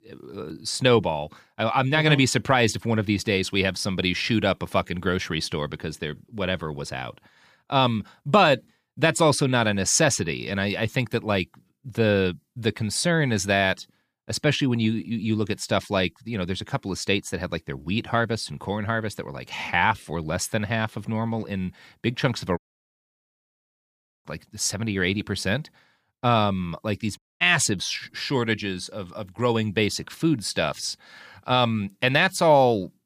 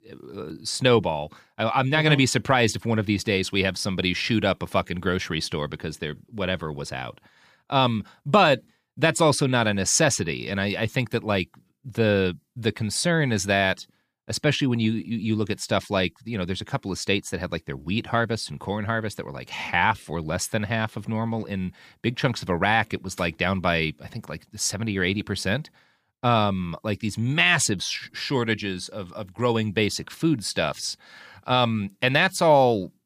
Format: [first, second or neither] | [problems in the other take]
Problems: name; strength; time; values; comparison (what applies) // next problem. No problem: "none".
second | audio cutting out; at 23 s for 1.5 s and at 27 s